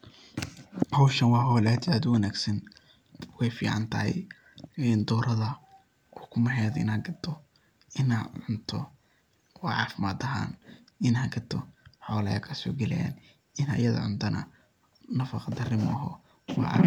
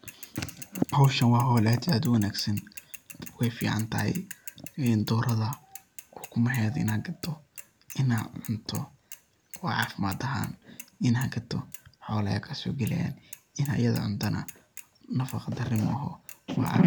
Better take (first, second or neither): first